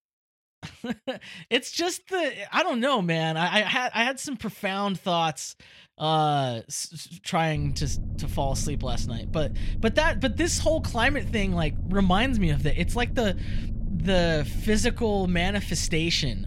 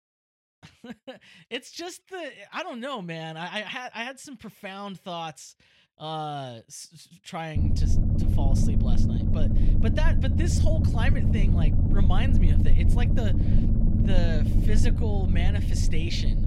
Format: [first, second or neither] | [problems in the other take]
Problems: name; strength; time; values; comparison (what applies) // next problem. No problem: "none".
first | low rumble; loud; from 7.5 s on; 2 dB below the speech; faint in the first